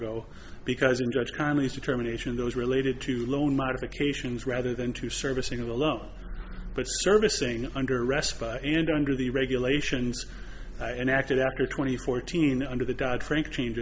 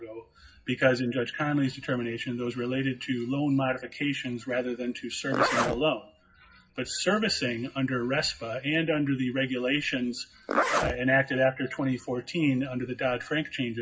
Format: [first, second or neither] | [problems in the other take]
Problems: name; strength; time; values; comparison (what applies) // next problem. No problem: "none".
first | noise reduction (classical method WPE with log-MMSE)